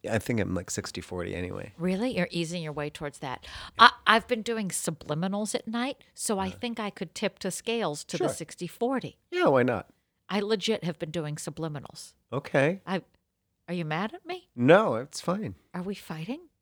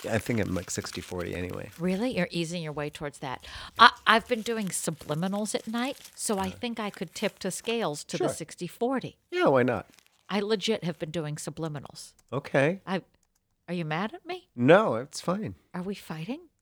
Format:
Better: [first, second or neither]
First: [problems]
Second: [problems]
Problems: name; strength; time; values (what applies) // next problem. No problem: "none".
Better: first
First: none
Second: household noises; faint; throughout; 20 dB below the speech